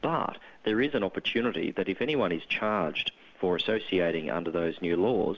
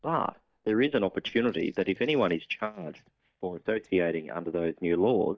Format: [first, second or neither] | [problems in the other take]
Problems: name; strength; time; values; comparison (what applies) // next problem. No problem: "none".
first | noise reduction (neural mask model DeepFilterNet 3)